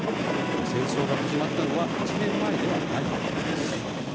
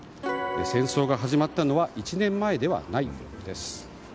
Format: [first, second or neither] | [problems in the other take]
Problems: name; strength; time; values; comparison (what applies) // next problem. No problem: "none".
second | background sound (Train); 4 dB above the speech